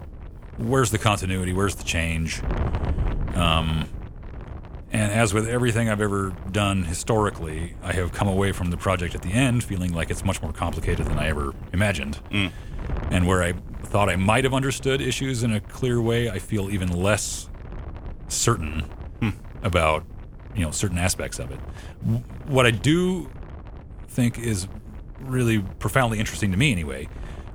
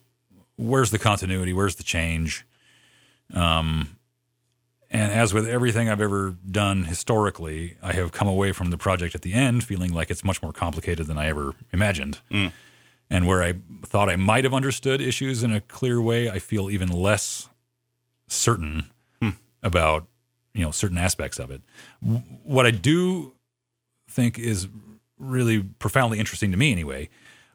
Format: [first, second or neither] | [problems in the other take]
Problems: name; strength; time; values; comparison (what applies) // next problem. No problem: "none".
second | wind noise on the microphone; occasional gusts; 20 dB below the speech